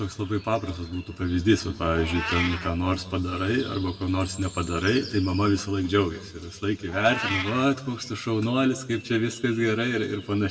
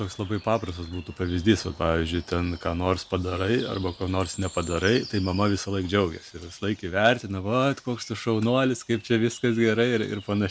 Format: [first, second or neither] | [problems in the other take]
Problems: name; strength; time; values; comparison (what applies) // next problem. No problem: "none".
second | background sound (Meow); 14 dB below the speech // room echo; dies away in 1.3 s